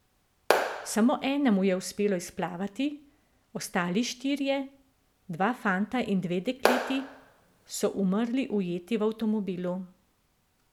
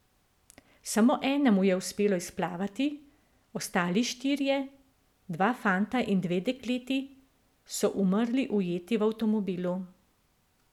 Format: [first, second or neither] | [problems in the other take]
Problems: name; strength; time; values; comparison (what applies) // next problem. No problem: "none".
second | background sound (Clapping); 1 dB below the speech